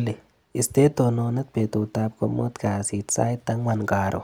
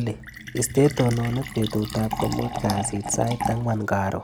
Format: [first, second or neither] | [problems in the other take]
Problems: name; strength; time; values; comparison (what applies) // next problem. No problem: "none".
first | background sound (Fill (with liquid)); 8 dB below the speech